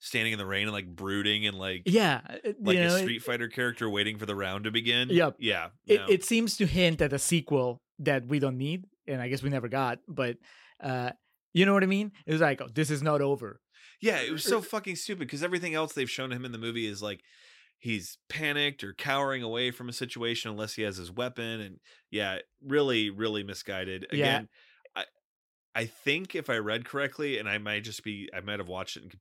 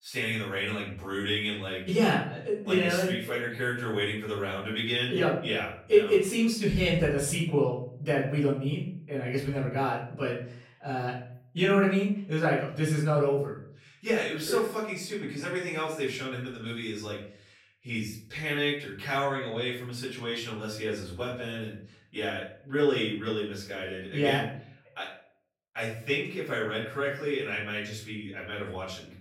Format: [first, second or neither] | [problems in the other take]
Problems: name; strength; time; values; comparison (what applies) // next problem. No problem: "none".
first | off-mic speech; far // room echo; noticeable; dies away in 0.5 s